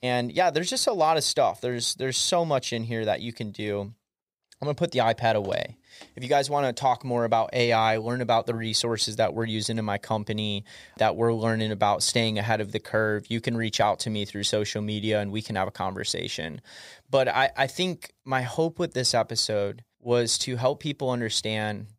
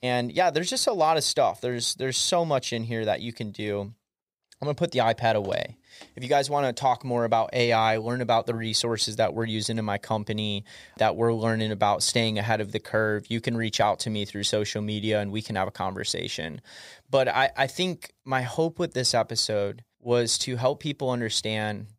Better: neither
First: none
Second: none

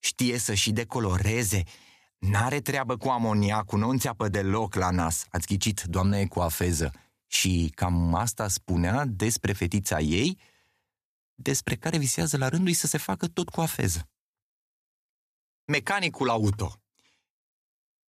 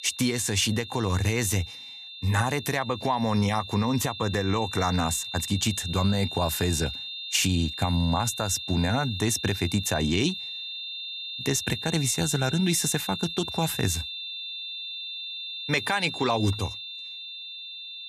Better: first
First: none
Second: high-pitched whine; loud; throughout; 3.5 kHz, 8 dB below the speech

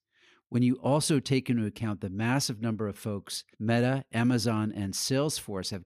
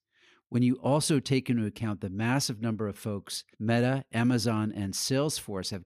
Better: neither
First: none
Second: none

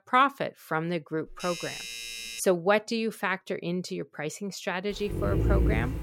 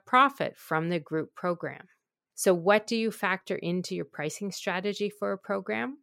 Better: second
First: doorbell; noticeable; from 1.5 to 2.5 s; peak 6 dB below the speech // dog barking; loud; at 5 s; peak 4 dB above the speech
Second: none

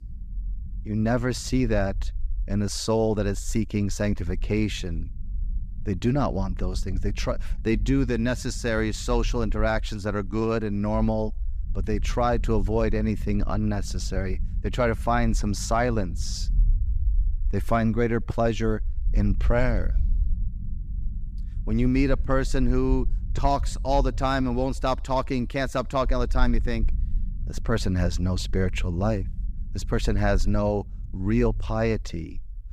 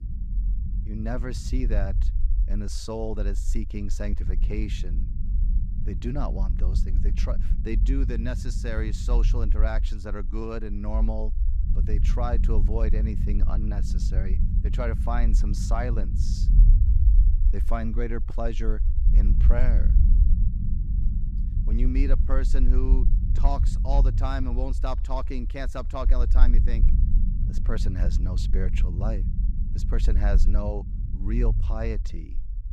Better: first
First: low rumble; faint; throughout; 25 dB below the speech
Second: low rumble; loud; throughout; 9 dB below the speech

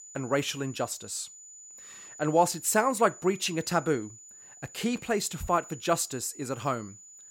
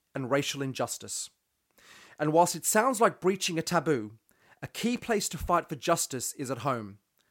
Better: second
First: high-pitched whine; noticeable; throughout; 7 kHz, 15 dB below the speech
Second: none

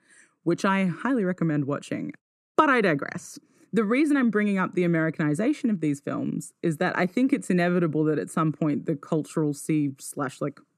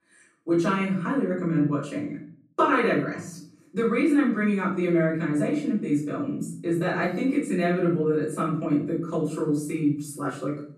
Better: first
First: none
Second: room echo; noticeable; dies away in 0.5 s // off-mic speech; far

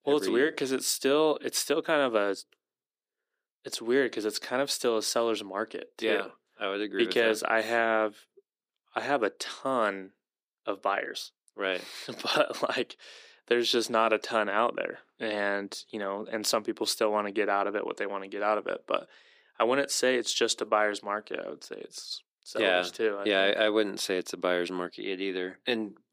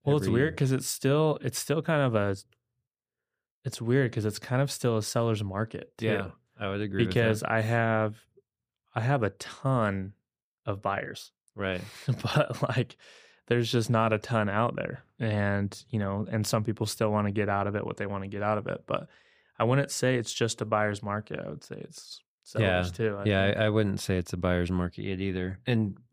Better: second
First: thin; somewhat; fading below 300 Hz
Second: none

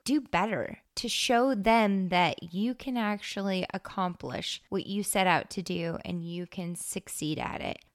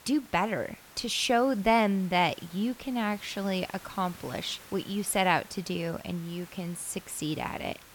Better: first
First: none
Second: hiss; noticeable; throughout; 20 dB below the speech

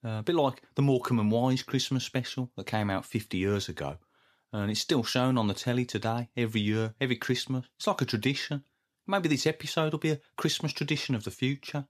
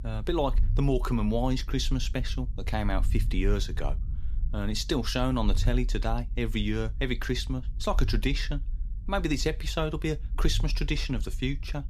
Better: first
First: none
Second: low rumble; faint; throughout; 20 dB below the speech

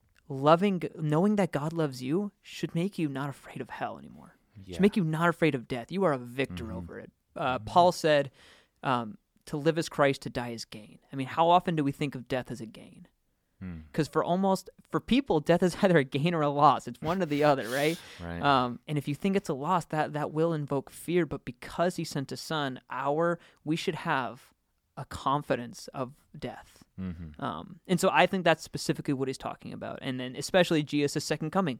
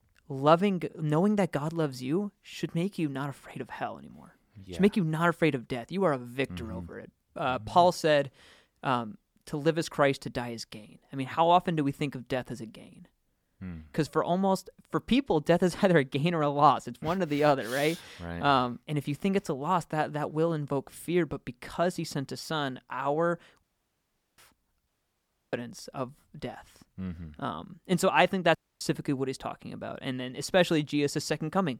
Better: first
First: none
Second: audio cutting out; at 24 s for 1 s, at 25 s for 0.5 s and at 29 s

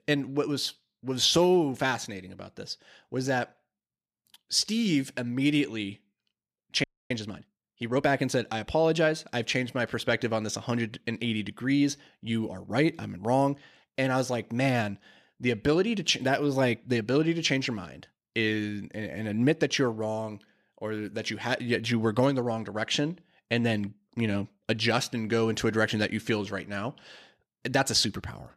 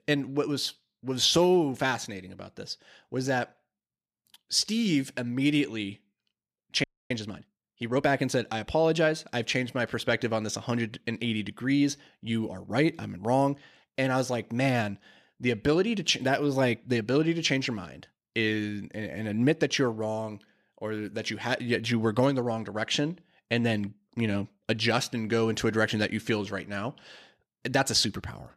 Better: neither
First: audio freezing; at 7 s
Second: audio freezing; at 7 s

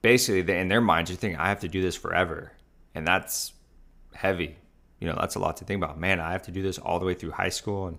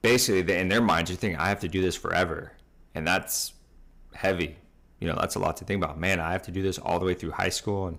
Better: first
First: none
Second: distortion; slight; 3% of the sound clipped

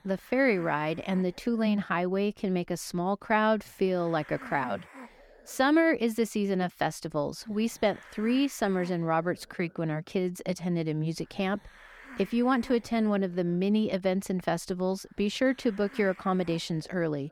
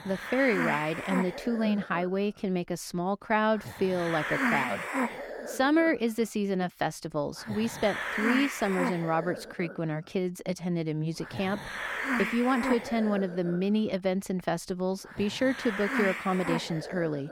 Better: first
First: hiss; faint; throughout; 20 dB below the speech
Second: hiss; loud; throughout; 4 dB below the speech

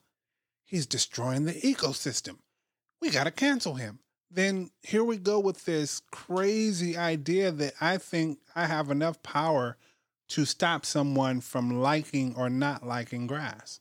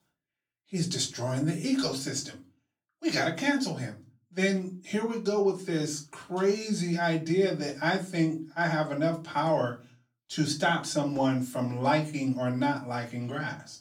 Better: first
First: none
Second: off-mic speech; far // room echo; very slight; dies away in 0.3 s

